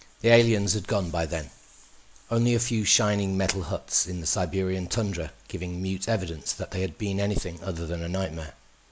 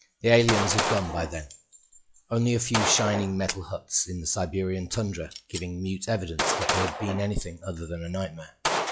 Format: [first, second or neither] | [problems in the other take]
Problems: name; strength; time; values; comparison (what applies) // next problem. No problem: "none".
first | noise reduction (classical method log-MMSE)